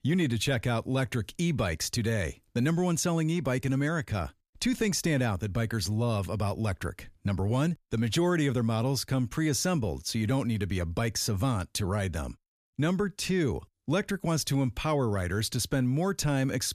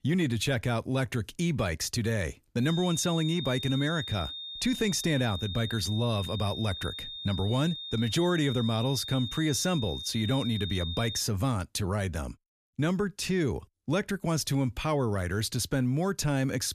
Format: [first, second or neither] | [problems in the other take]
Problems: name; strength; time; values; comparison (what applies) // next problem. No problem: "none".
first | high-pitched whine; loud; from 2.5 to 11 s; 3.5 kHz, 7 dB below the speech